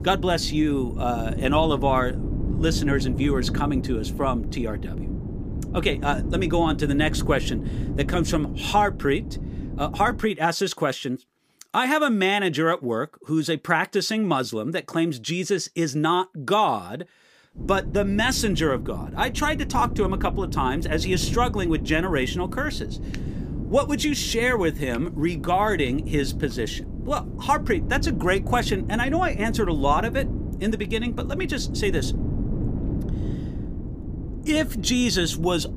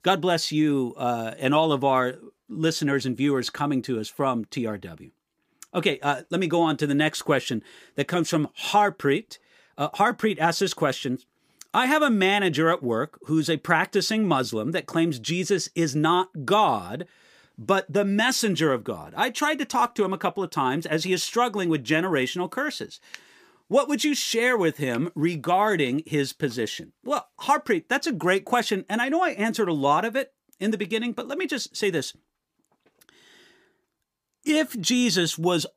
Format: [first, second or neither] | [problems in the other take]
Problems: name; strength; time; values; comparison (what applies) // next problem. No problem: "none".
second | wind noise on the microphone; occasional gusts; until 10 s and from 18 s on; 15 dB below the speech